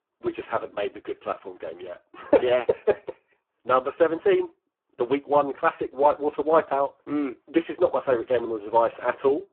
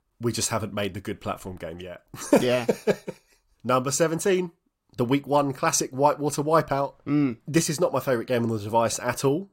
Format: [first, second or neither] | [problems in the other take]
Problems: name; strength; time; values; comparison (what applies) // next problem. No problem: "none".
second | phone-call audio; poor line